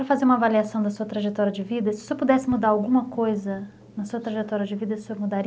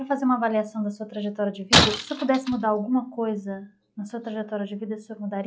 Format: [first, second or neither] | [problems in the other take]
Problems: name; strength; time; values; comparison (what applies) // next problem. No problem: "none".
first | noise reduction (classical method log-MMSE)